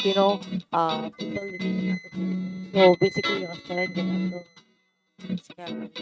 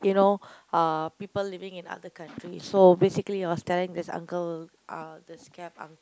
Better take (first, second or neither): second